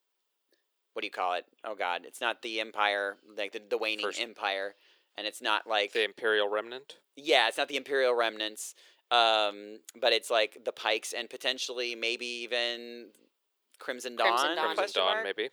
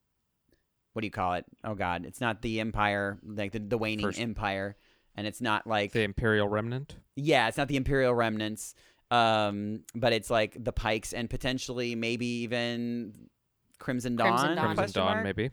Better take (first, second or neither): second